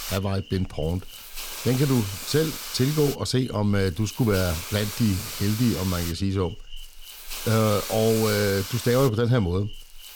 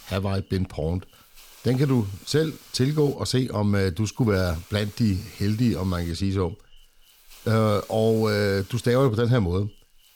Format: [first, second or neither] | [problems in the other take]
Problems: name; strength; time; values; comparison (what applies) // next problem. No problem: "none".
second | hiss; loud; throughout; 9 dB below the speech; faint in the second